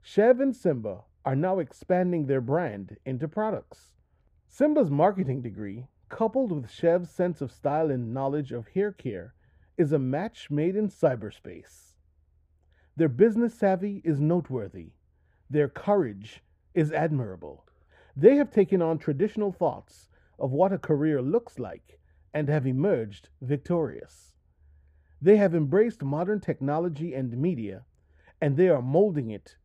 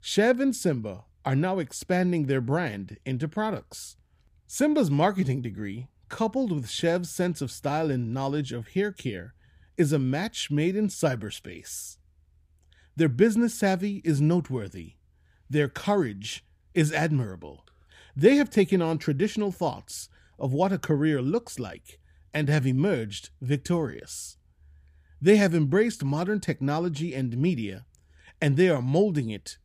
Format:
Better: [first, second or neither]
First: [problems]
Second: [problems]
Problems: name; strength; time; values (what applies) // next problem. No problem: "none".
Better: second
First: muffled; very; fading above 2.5 kHz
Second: none